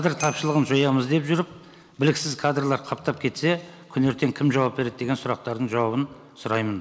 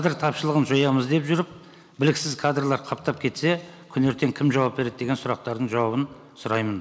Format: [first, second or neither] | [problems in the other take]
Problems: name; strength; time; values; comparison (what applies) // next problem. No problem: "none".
second | background sound (Bicycle bell); 20 dB below the speech